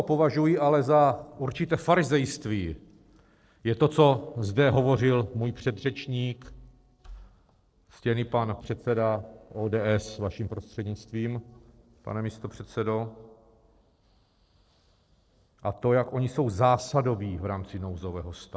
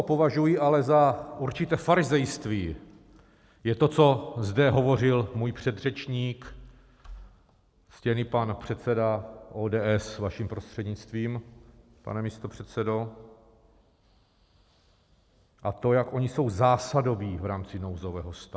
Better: second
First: noise reduction (neural separator model SepFormer DNS4)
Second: none

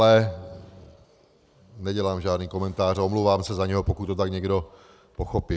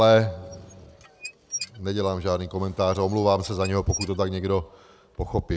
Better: first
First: none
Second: background sound (Squeak / Dishes, pots, and pans); 15 dB below the speech

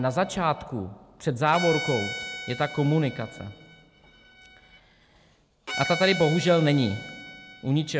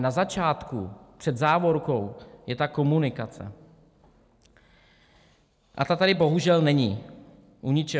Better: second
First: background sound (Bowed string instrument); 11 dB below the speech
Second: none

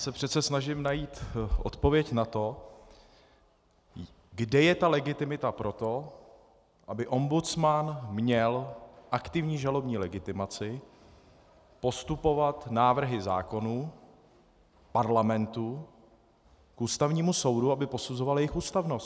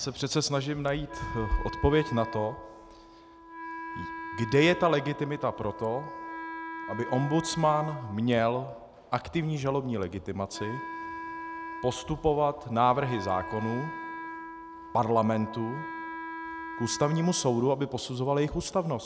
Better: first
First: none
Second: background sound (Wind instrument, woodwind instrument); 11 dB below the speech

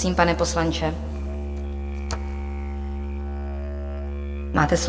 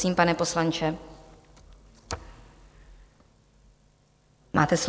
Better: second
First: background sound (Musical instrument); 2 dB below the speech // room echo; dies away in 2.4 s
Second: none

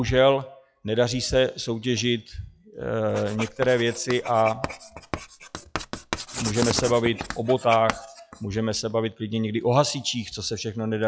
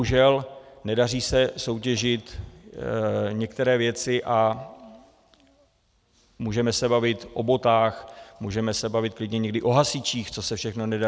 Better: second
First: noise reduction (classical method log-MMSE)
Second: none

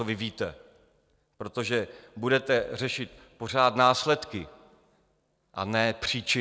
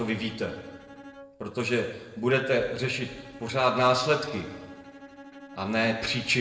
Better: first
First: none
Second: background sound (Bowed string instrument); 19 dB below the speech // room echo; dies away in 1.1 s

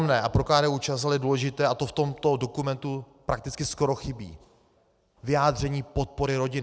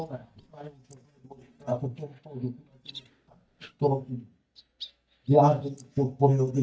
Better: first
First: none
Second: noise reduction (neural mask model DeepFilterNet 3)

